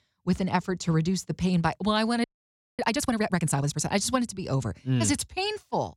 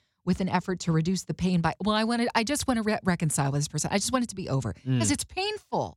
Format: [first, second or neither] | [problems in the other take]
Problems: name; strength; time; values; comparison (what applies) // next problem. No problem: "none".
second | audio freezing; at 2 s for 0.5 s